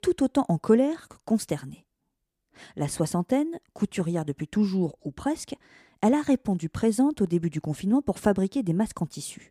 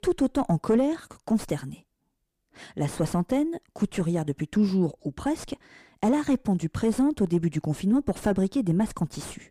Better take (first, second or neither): first